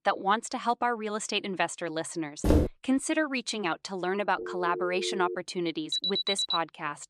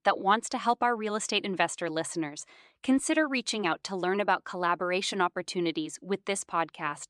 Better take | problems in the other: second | footsteps; loud; at 2.5 s; peak 5 dB above the speech // phone ringing; noticeable; at 4.5 s; peak 4 dB below the speech // alarm; loud; at 6 s; peak 3 dB above the speech

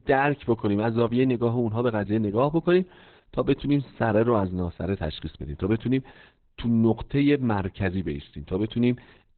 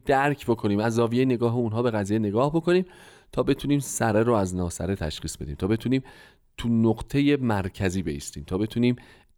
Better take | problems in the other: second | garbled, watery; badly; nothing above 4 kHz

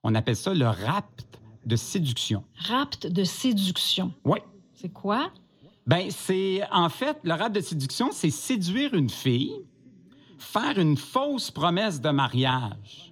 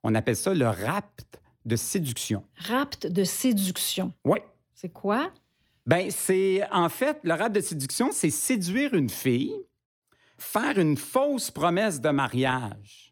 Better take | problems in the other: second | room echo; slight; dies away in 3 s

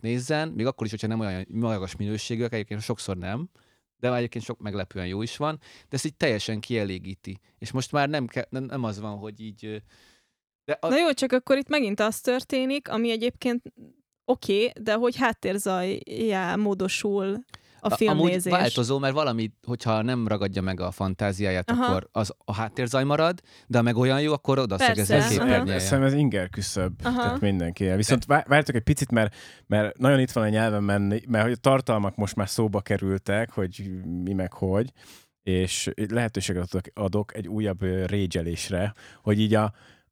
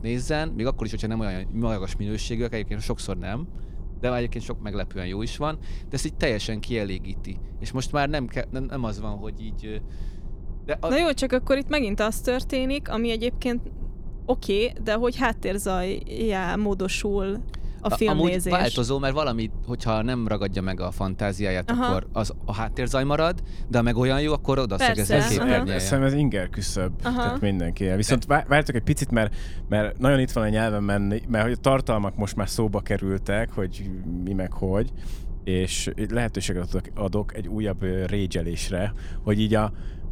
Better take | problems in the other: first | low rumble; faint; throughout; 25 dB below the speech

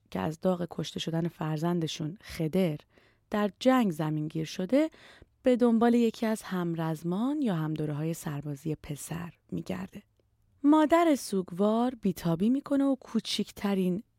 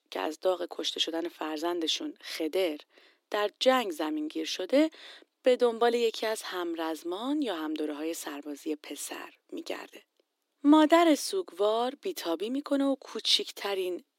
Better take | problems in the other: first | thin; somewhat; fading below 300 Hz

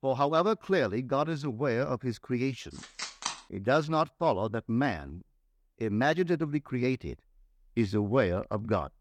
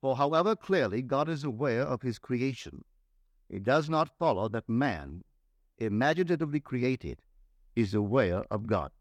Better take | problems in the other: second | phone ringing; noticeable; at 3 s; peak 5 dB below the speech

